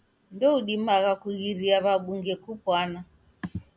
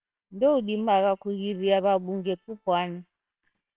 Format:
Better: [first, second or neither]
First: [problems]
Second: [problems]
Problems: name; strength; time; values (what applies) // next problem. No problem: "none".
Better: first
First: none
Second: noise reduction (neural separator model SepFormer WHAMR!)